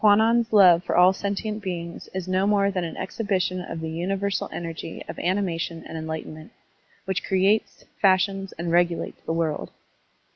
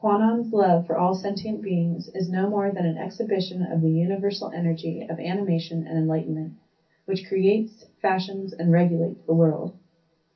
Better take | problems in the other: first | room echo; dies away in 0.3 s

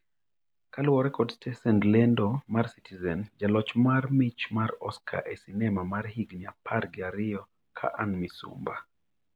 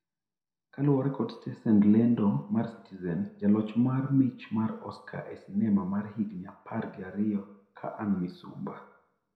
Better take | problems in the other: first | room echo; dies away in 0.5 s

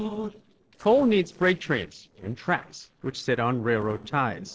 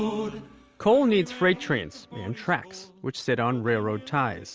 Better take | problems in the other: second | noise reduction (neural separator model SepFormer DNS4)

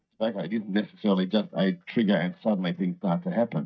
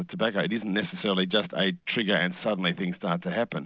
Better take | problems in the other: second | noise reduction (neural mask model DeepFilterNet 3)

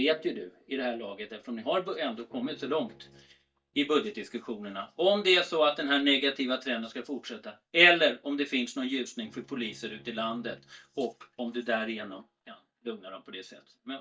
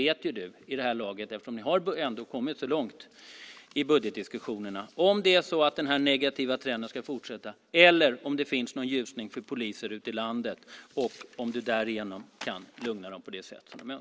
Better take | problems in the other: second | noise reduction (neural mask model DeepFilterNet 3)

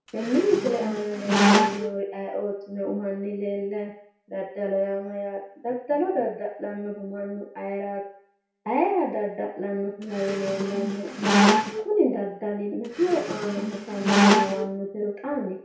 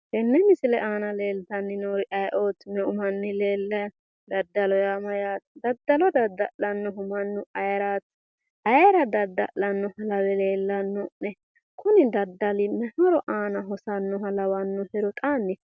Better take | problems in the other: second | background sound (Squeak); 4 dB above the speech // room echo; dies away in 0.6 s

